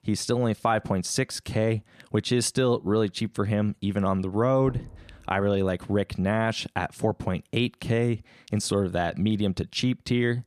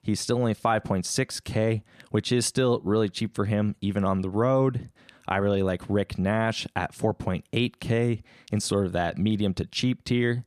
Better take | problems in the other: second | door banging; faint; at 4.5 s; peak 15 dB below the speech

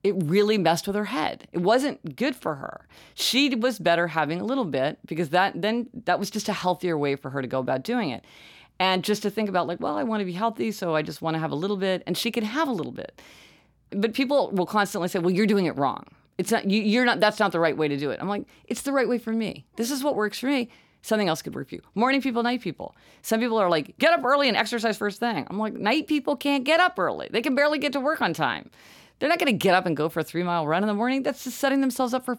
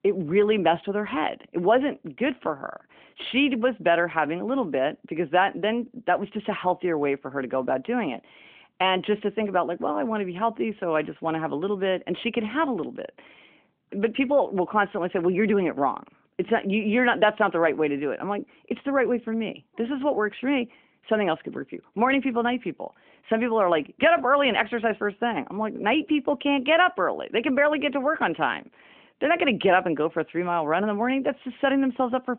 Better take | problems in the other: first | phone-call audio; nothing above 3 kHz

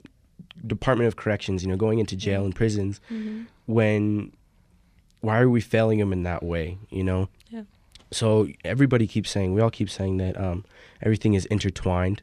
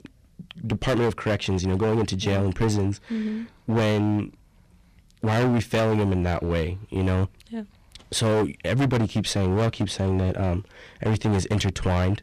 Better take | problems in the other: first | distortion; heavy; 16% of the sound clipped

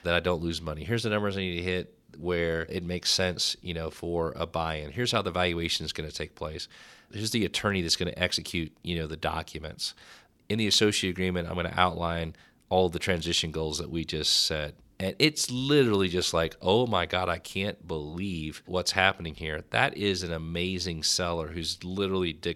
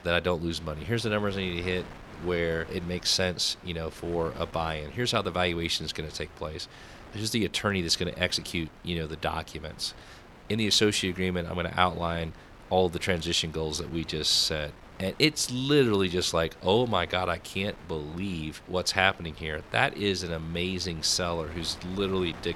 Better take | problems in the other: first | wind noise on the microphone; occasional gusts; 20 dB below the speech

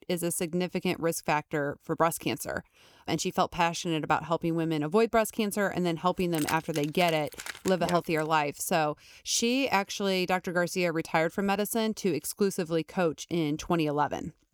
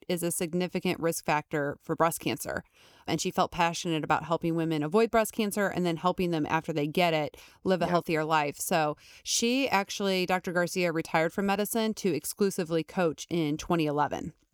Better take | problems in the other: second | jangling keys; noticeable; from 6 to 8.5 s; peak 8 dB below the speech

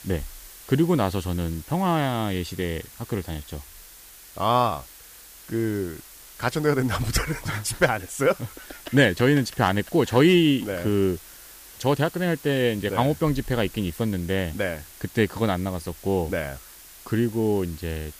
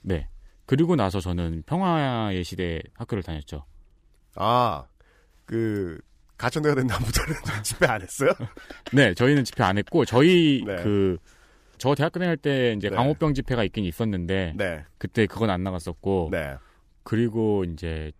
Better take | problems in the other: second | hiss; noticeable; throughout; 20 dB below the speech

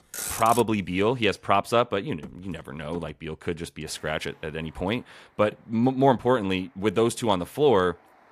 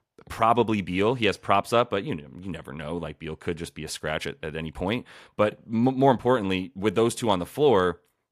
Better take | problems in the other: second | traffic noise; noticeable; throughout; 10 dB below the speech

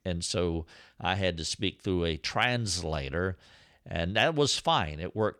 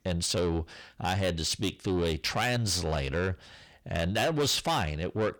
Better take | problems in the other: first | distortion; heavy; 7 dB below the speech

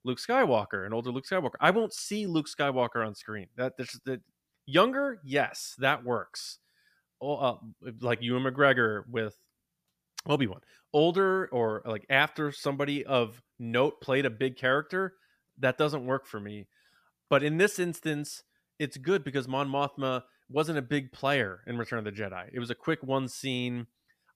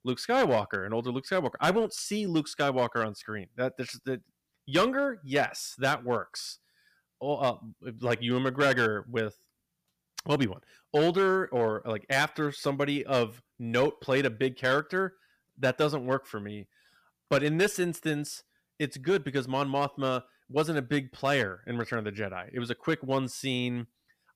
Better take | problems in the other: first | distortion; slight; 3% of the sound clipped

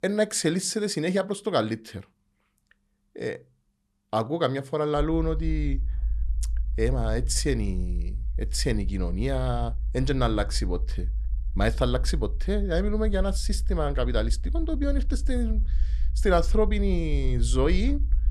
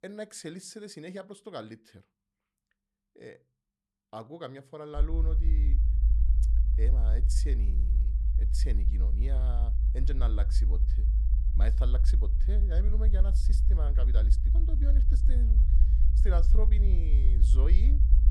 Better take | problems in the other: first | low rumble; loud; from 5 s on; 5 dB below the speech; faint in the first

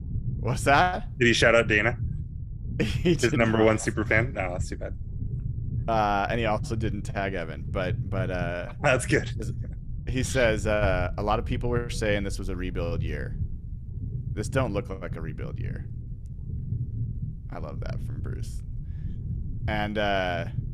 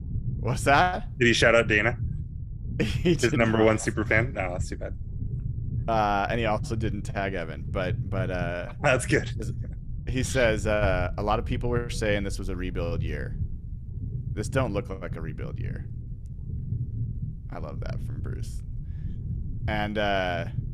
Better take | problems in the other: neither | low rumble; faint; throughout; 20 dB below the speech; the same in both

